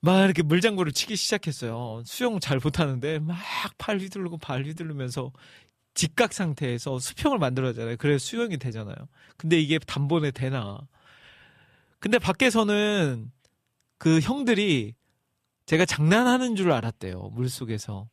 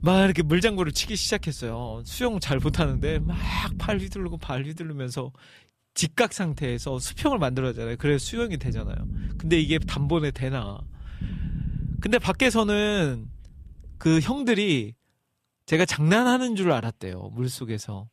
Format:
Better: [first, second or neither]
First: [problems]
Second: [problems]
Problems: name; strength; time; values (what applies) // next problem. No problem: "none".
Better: first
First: none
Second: low rumble; noticeable; until 4.5 s and from 6.5 to 14 s; 20 dB below the speech